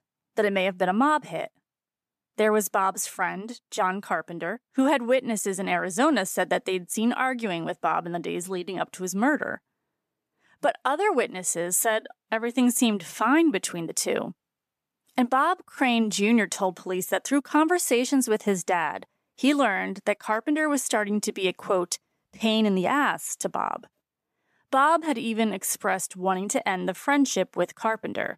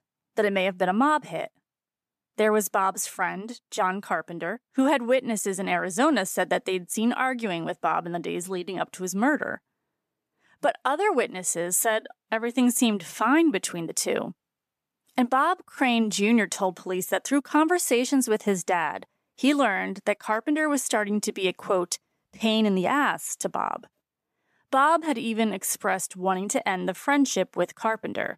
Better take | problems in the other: neither | none

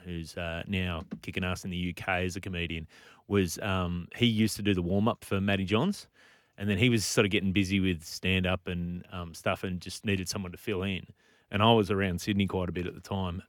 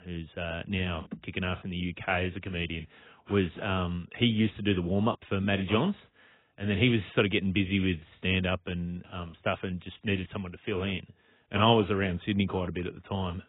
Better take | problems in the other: first | garbled, watery; badly; nothing above 3.5 kHz

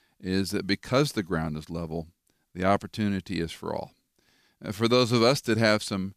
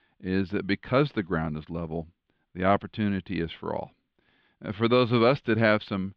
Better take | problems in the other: first | muffled; slightly; fading above 3.5 kHz

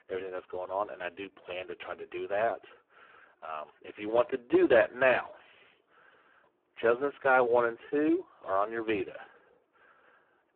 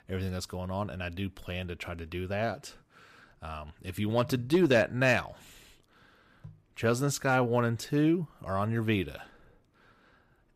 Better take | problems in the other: second | phone-call audio; poor line

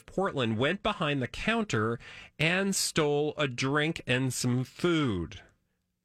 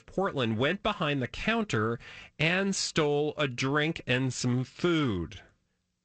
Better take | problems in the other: first | garbled, watery; slightly; nothing above 8 kHz

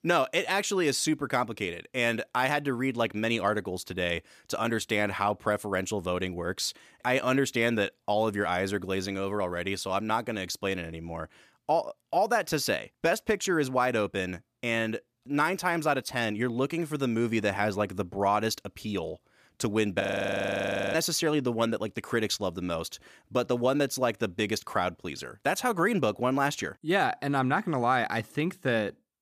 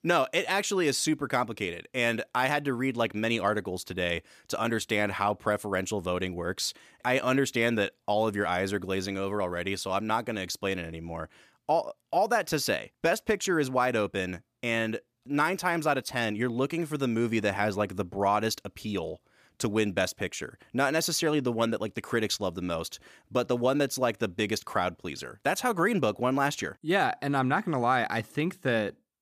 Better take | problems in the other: second | audio freezing; at 20 s for 1 s

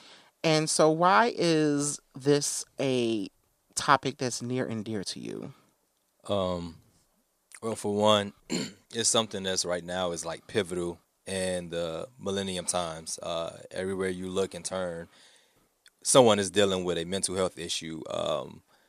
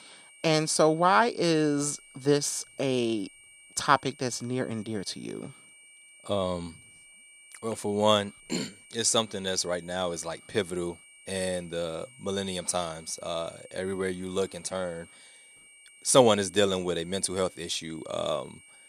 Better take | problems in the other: first | high-pitched whine; faint; throughout; 2.5 kHz, 25 dB below the speech

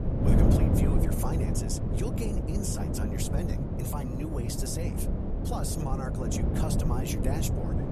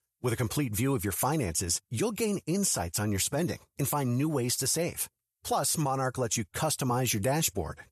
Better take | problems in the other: second | wind noise on the microphone; heavy; 2 dB above the speech

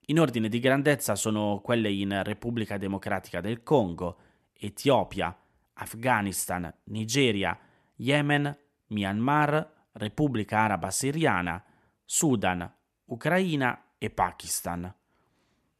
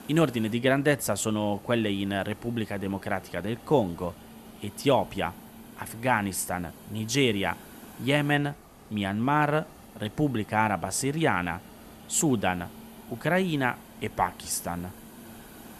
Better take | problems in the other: first | hiss; noticeable; throughout; 20 dB below the speech

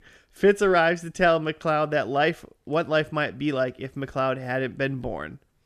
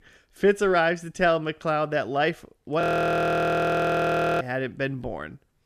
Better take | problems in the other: first | audio freezing; at 3 s for 1.5 s

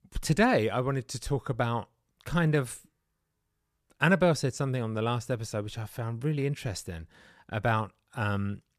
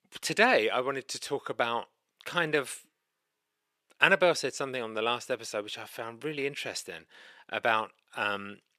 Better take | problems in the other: first | thin; somewhat; fading below 400 Hz

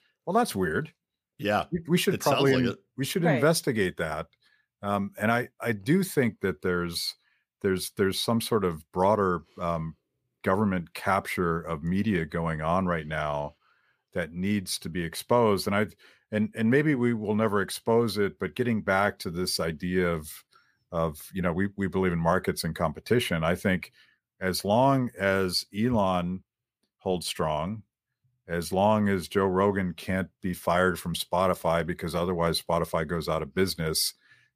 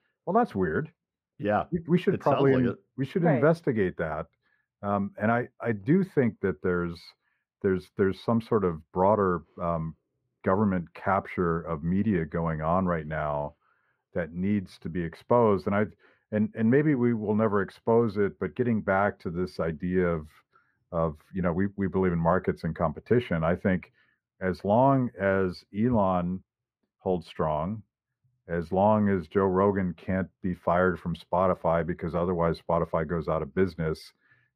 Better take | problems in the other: first | muffled; very; fading above 3 kHz

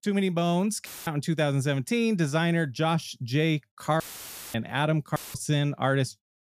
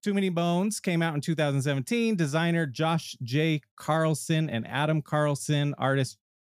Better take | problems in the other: second | audio cutting out; filled with static; at 1 s, at 4 s for 0.5 s and at 5 s

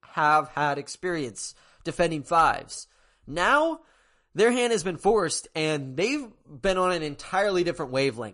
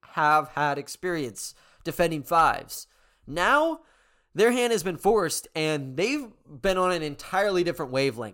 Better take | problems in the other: second | garbled, watery; slightly; nothing above 10.5 kHz

